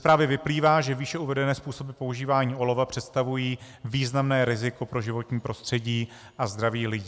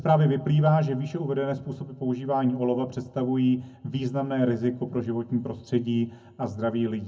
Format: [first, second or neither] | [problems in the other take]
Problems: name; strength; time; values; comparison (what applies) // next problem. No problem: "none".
first | room echo; dies away in 0.3 s